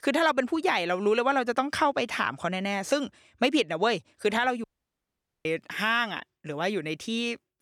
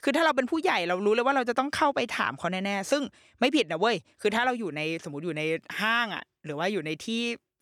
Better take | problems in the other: second | audio cutting out; at 4.5 s for 1 s

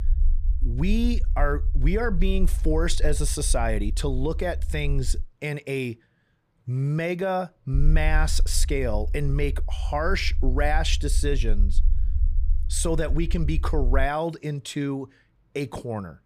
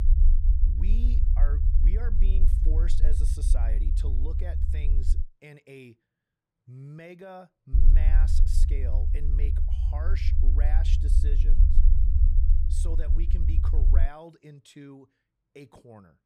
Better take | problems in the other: first | low rumble; loud; until 5 s and from 7.5 to 14 s; 1 dB below the speech; faint in the first

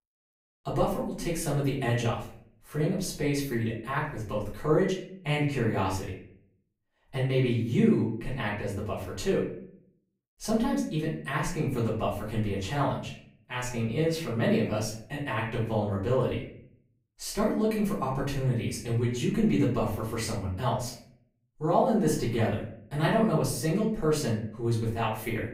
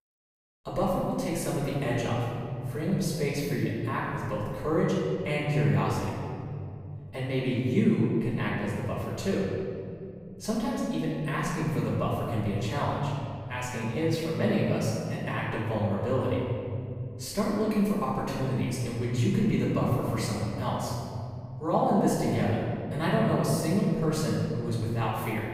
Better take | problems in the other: first | room echo; strong; dies away in 2.9 s; slight in the first // off-mic speech; far; far in the first

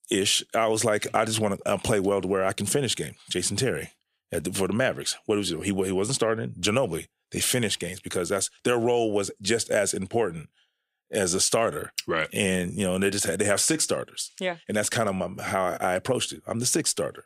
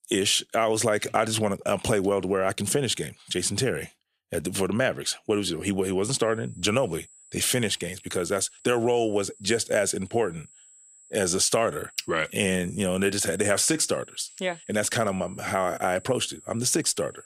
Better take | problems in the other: first | high-pitched whine; faint; from 6 s on; 7.5 kHz, 25 dB below the speech

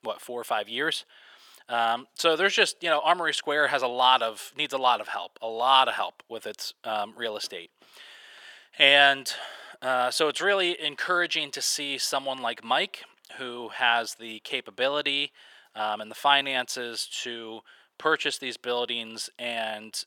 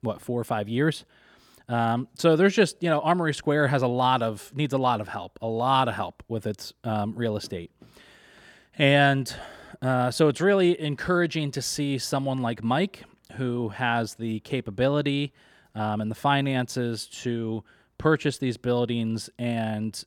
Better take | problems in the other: second | thin; very; fading below 700 Hz

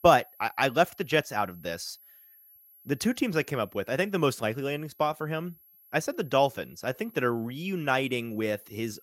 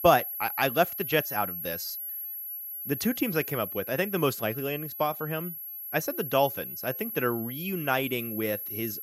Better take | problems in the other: first | high-pitched whine; loud; throughout; 11.5 kHz, 5 dB below the speech; faint in the first

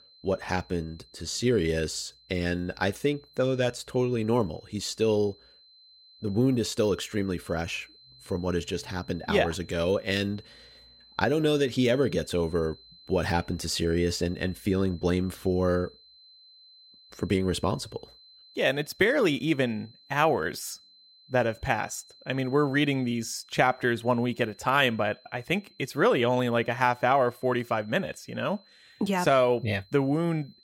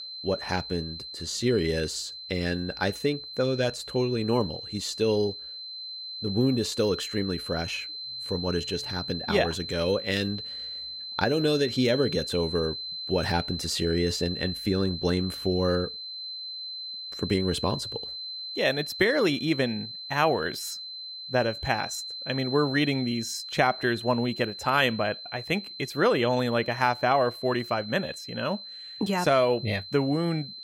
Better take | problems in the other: first | high-pitched whine; loud; throughout; 4 kHz, 8 dB below the speech; faint in the first

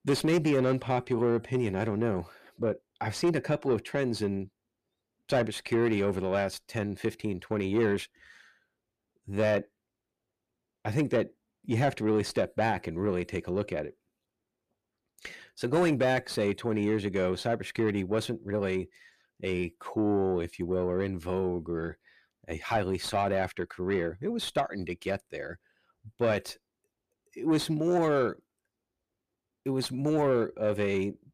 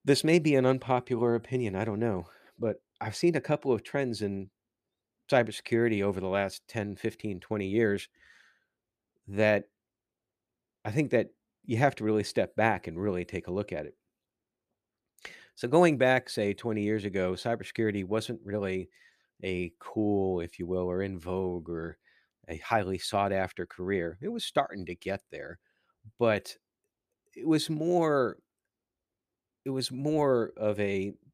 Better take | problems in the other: second | distortion; slight; 10 dB below the speech

